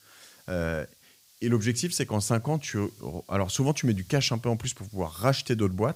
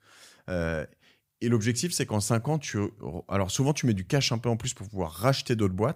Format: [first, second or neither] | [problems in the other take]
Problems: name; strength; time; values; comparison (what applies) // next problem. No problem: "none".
second | hiss; faint; throughout; 25 dB below the speech